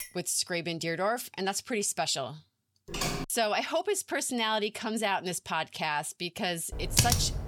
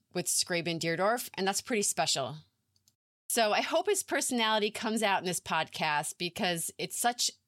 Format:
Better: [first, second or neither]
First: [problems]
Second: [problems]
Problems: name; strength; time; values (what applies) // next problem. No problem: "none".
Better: second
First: clattering dishes; faint; at the start; peak 15 dB below the speech // keyboard typing; noticeable; at 3 s; peak 2 dB below the speech // keyboard typing; loud; at 6.5 s; peak 5 dB above the speech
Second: none